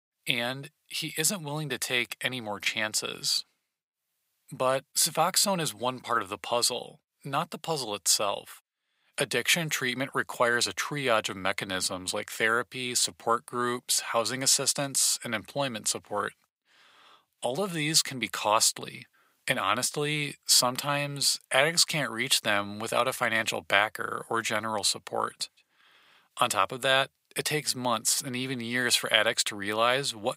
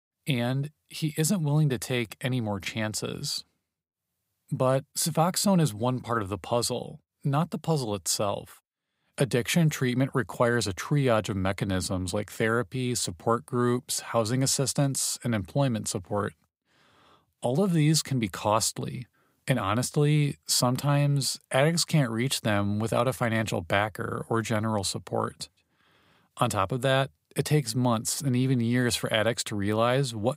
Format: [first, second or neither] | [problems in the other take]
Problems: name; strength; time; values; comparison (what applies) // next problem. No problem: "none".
second | thin; somewhat; fading below 900 Hz